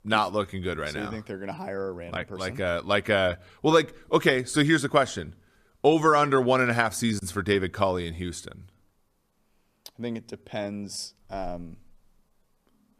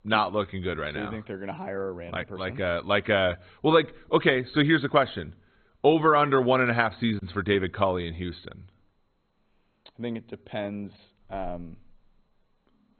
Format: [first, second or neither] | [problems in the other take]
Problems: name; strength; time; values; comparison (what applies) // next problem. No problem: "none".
first | garbled, watery; badly; nothing above 4 kHz